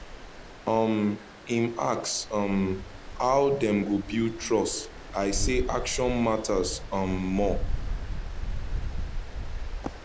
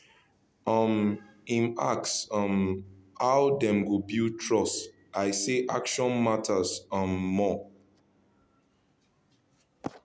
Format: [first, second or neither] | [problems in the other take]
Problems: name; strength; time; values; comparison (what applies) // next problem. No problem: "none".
second | background sound (Stream); 5 dB below the speech